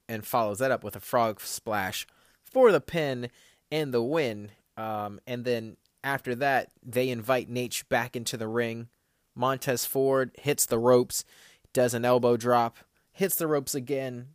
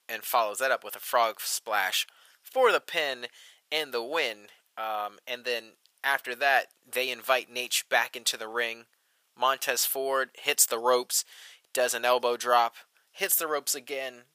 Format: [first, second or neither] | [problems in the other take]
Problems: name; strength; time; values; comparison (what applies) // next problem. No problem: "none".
first | thin; very; fading below 750 Hz